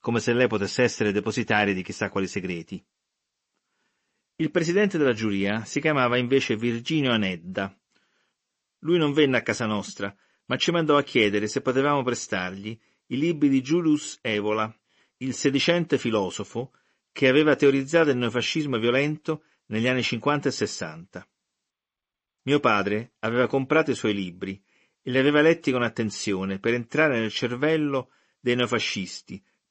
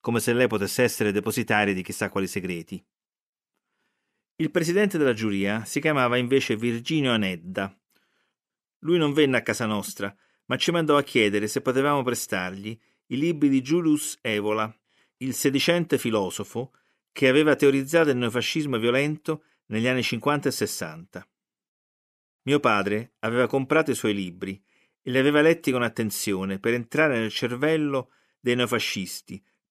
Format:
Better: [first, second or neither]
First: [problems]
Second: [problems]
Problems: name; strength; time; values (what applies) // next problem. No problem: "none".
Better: second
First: garbled, watery; slightly; nothing above 8 kHz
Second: none